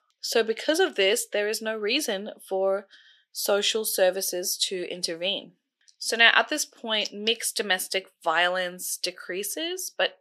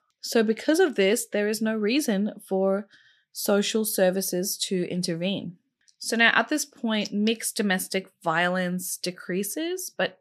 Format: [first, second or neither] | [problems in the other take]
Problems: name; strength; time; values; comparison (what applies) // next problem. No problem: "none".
second | thin; somewhat; fading below 500 Hz